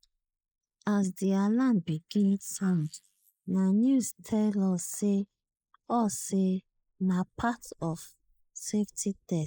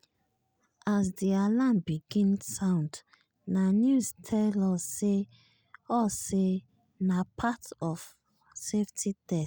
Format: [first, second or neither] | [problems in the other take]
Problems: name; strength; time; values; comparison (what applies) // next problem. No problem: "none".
second | noise reduction (neural mask model Resemble Enhance denoiser)